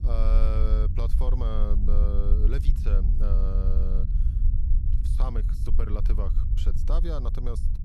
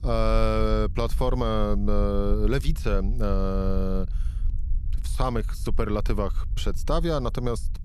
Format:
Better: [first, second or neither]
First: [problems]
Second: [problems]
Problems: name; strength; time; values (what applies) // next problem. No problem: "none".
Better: second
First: low rumble; loud; throughout; 7 dB below the speech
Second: low rumble; faint; throughout; 25 dB below the speech